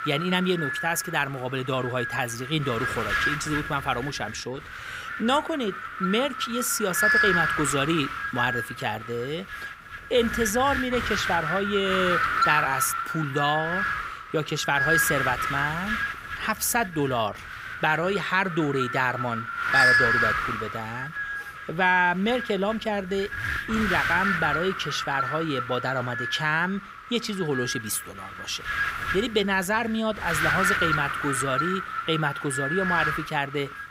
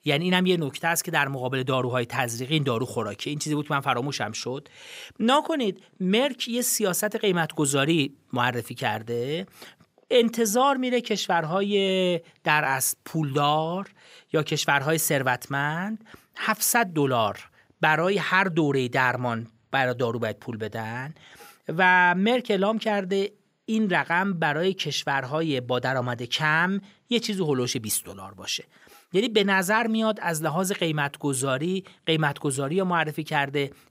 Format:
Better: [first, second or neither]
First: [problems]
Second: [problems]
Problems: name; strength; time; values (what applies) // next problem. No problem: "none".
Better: second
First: wind noise on the microphone; heavy; 2 dB above the speech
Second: none